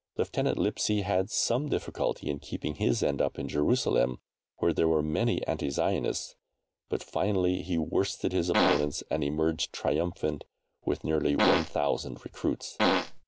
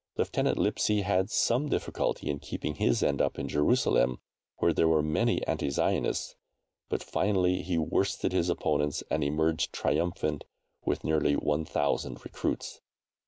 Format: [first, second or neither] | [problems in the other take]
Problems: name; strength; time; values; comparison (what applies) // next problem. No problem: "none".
second | background sound (Fart); 2 dB above the speech